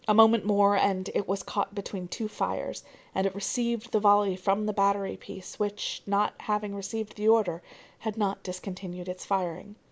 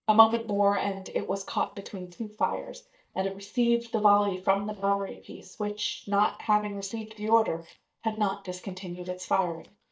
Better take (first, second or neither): first